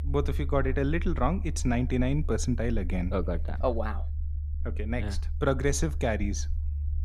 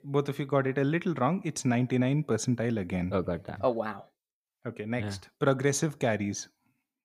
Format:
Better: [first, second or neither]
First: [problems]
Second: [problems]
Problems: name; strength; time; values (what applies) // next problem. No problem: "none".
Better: second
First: low rumble; faint; throughout; 20 dB below the speech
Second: none